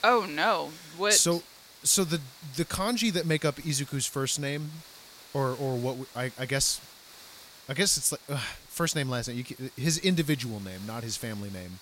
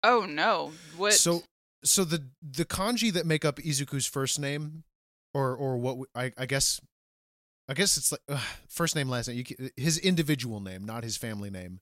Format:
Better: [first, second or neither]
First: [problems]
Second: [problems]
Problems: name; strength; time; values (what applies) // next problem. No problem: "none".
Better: second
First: hiss; faint; throughout; 20 dB below the speech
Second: none